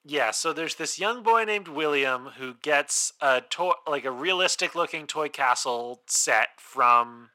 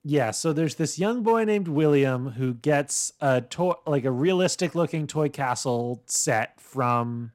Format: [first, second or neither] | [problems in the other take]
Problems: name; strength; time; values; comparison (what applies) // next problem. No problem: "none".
second | thin; very; fading below 550 Hz